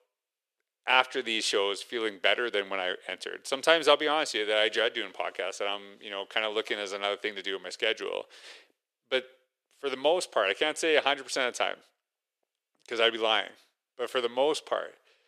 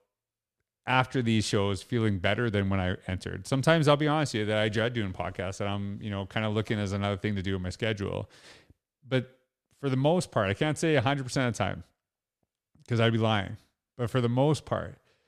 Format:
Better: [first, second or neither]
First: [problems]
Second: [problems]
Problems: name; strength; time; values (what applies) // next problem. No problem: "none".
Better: second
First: thin; very; fading below 400 Hz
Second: none